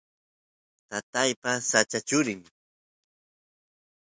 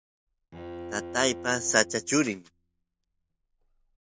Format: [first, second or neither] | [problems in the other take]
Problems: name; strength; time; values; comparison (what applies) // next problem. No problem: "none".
first | background sound (Bowed string instrument); 13 dB below the speech